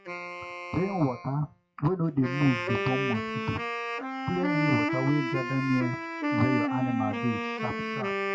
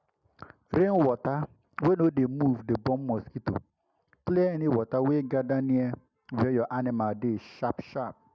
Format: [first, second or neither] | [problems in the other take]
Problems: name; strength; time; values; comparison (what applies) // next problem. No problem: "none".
second | noise reduction (classical method WPE with log-MMSE)